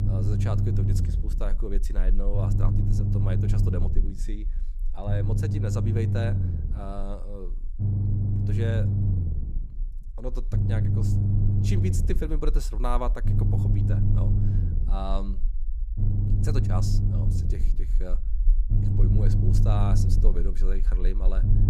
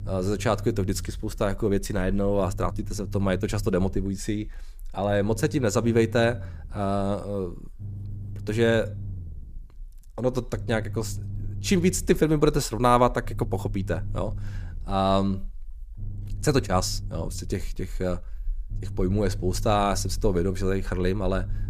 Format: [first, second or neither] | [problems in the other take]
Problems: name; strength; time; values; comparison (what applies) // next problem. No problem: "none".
second | low rumble; loud; throughout; as loud as the speech; faint in the second